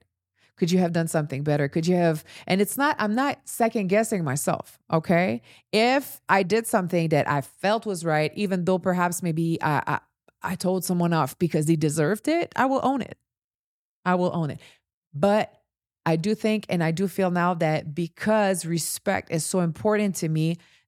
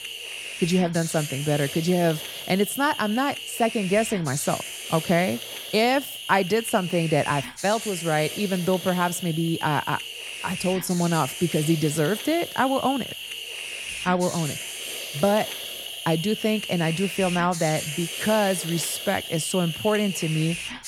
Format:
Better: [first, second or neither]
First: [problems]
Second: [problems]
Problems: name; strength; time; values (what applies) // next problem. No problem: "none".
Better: first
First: none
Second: hiss; loud; throughout; 7 dB below the speech